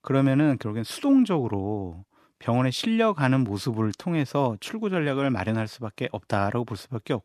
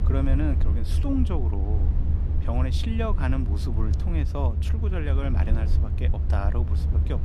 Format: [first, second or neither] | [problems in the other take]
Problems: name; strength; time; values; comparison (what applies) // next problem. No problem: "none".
first | low rumble; loud; throughout; 6 dB below the speech